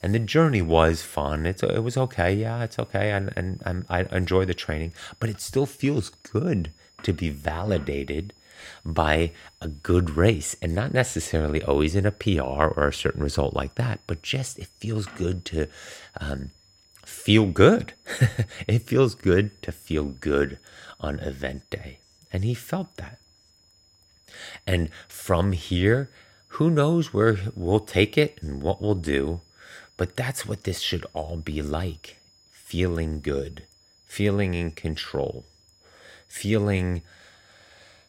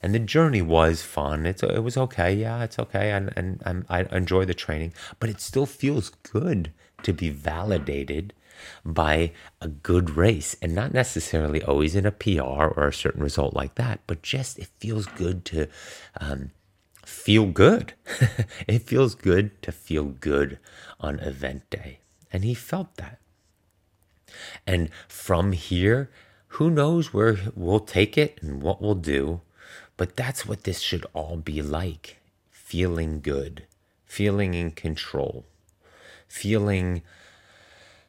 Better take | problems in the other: second | high-pitched whine; faint; throughout; 5 kHz, 30 dB below the speech

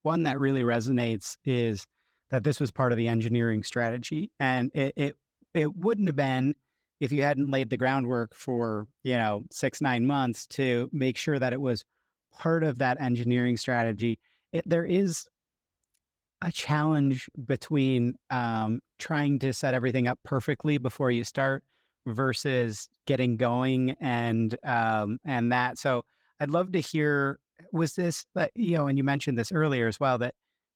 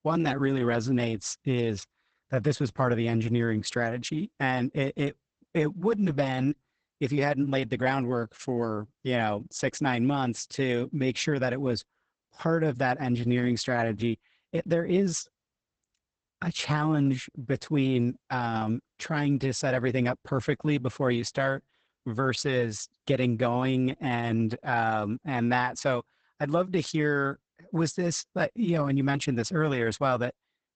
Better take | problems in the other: first | garbled, watery; badly; nothing above 8 kHz; slightly in the first

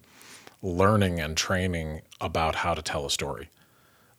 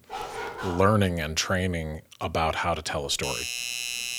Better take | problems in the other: first | dog barking; noticeable; at the start; peak 8 dB below the speech // doorbell; noticeable; from 3 s on; peak 2 dB below the speech

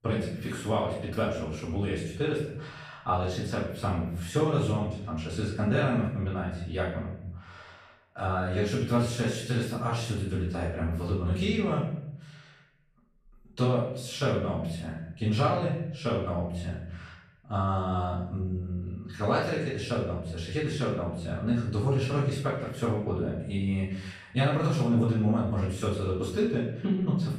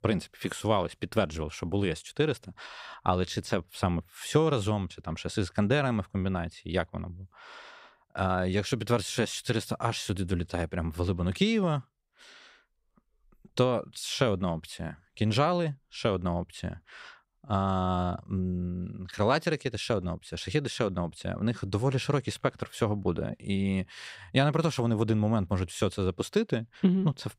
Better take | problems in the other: second | off-mic speech; far // room echo; noticeable; dies away in 0.8 s

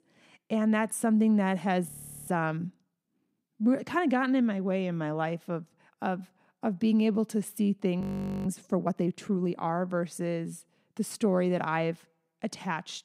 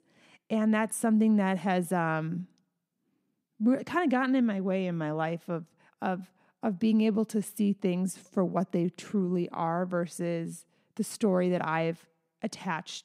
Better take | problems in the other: second | audio freezing; at 2 s and at 8 s

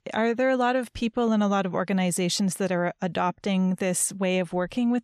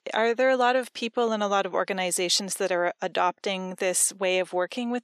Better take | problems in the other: first | thin; somewhat; fading below 350 Hz

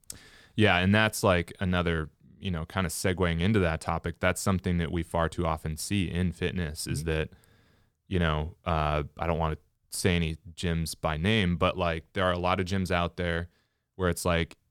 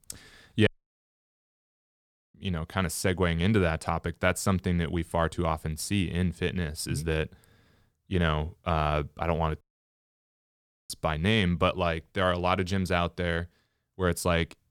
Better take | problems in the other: first | audio cutting out; at 0.5 s for 1.5 s and at 9.5 s for 1.5 s

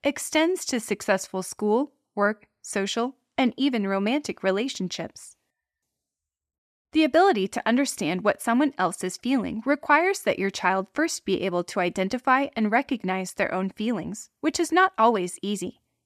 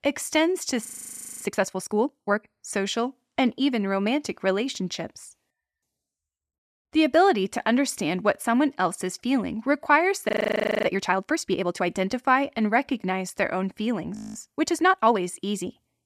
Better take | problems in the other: first | audio freezing; at 1 s for 0.5 s, at 10 s for 0.5 s and at 14 s

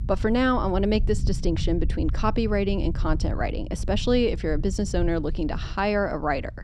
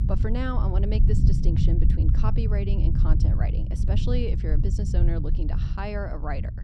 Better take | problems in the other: first | low rumble; loud; throughout; 4 dB below the speech; faint in the first

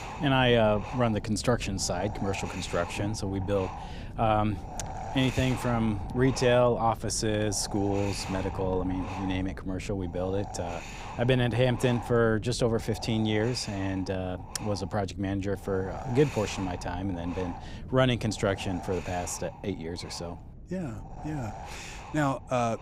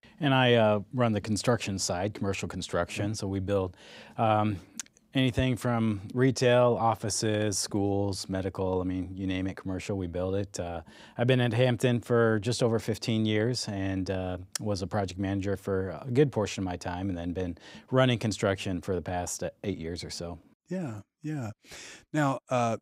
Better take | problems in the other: second | wind noise on the microphone; occasional gusts; 10 dB below the speech

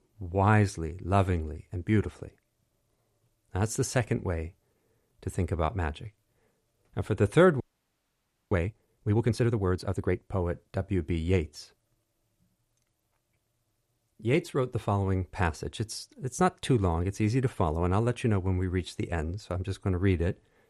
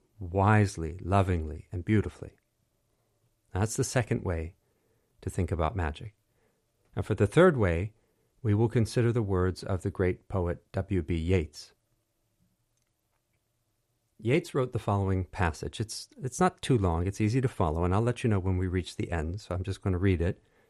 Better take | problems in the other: second | audio freezing; at 7.5 s for 1 s

